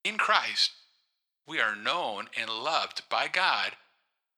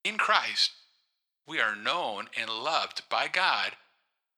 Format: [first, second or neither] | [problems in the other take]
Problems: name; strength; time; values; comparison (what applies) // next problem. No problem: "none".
neither | thin; very; fading below 1 kHz; the same in both